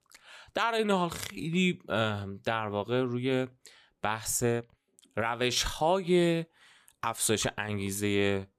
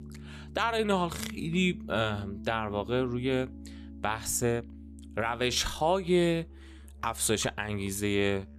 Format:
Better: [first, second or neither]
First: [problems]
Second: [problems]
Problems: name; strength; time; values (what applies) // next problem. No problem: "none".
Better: first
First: none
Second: background music; noticeable; throughout; 15 dB below the speech